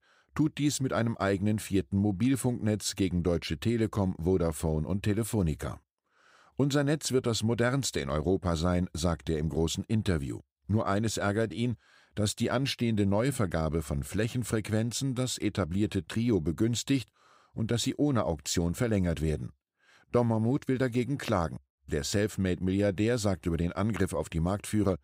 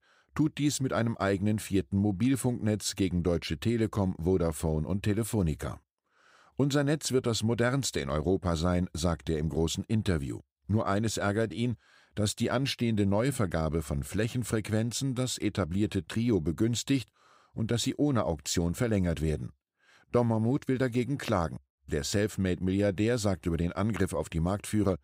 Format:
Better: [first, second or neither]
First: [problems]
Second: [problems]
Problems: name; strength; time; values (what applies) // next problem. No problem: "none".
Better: neither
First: none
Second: none